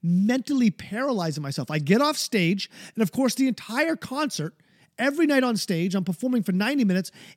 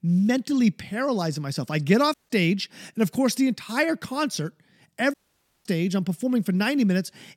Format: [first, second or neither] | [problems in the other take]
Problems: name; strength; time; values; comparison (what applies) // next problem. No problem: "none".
first | audio cutting out; at 2 s and at 5 s for 0.5 s